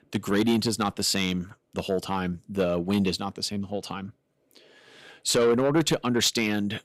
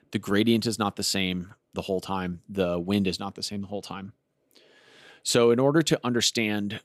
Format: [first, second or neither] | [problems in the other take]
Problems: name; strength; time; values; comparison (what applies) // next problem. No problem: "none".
second | distortion; slight; 10 dB below the speech